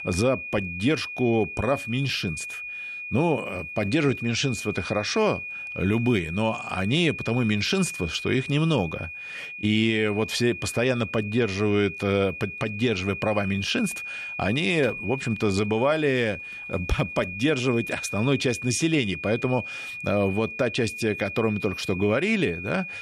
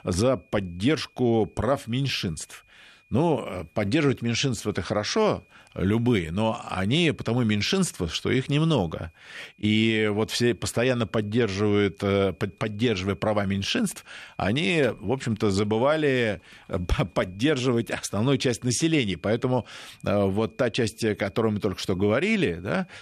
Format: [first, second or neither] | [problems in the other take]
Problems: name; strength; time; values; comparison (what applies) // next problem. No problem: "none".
second | high-pitched whine; loud; throughout; 2.5 kHz, 8 dB below the speech; faint in the second